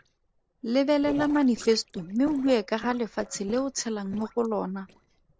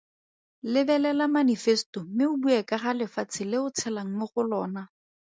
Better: second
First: noise reduction (neural separator model SepFormer DNS4)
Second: none

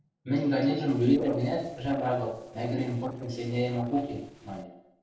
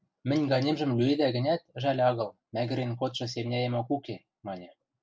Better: second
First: noise reduction (neural separator model SepFormer DNS4)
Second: none

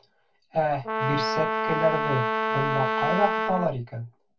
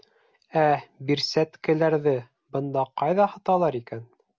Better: second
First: background sound (Brass instrument); 1 dB above the speech // room echo; dies away in 0.1 s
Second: none

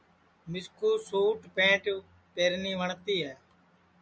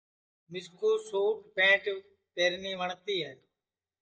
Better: first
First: none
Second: noise reduction (neural mask model DeepFilterNet 3)

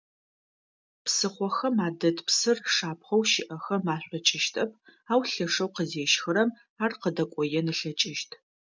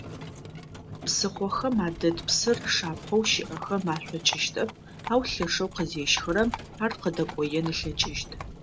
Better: first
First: none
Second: background sound (Livestock, farm animals, working animals); 11 dB below the speech

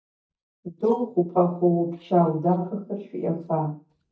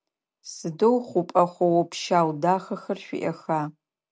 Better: second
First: noise reduction (neural mask model DeepFilterNet 3)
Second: none

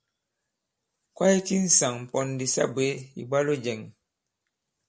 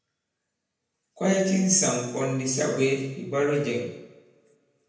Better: first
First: none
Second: room echo; dies away in 0.9 s

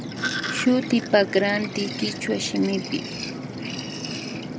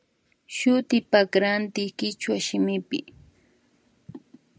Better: second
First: background sound (Sink (filling or washing) + Fixed-wing aircraft, airplane); 6 dB below the speech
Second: none

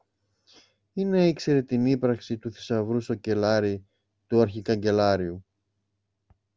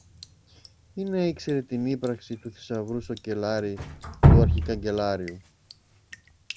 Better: first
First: none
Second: background sound (Drip); 3 dB above the speech

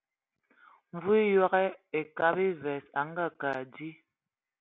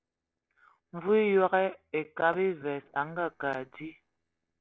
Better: first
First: none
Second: noise reduction (neural separator model SepFormer DNS4)

